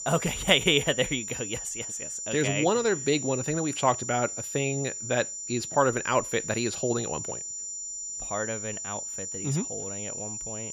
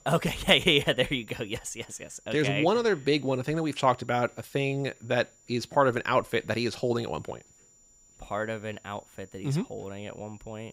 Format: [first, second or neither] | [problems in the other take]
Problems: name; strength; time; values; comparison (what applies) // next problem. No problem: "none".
second | high-pitched whine; loud; throughout; 7 kHz, 6 dB below the speech; faint in the second